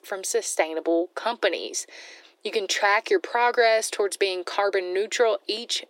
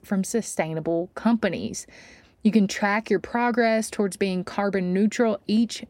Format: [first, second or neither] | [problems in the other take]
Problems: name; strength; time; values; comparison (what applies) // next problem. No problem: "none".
second | thin; very; fading below 350 Hz